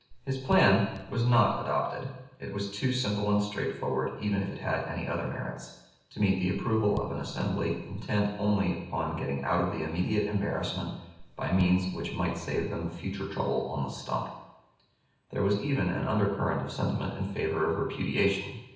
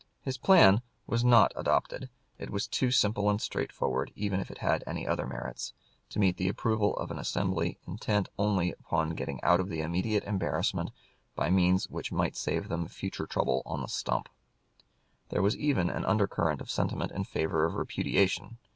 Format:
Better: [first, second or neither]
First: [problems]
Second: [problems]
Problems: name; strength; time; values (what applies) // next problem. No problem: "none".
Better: second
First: background sound (Raindrop / Drip); 13 dB below the speech // room echo; dies away in 0.9 s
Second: none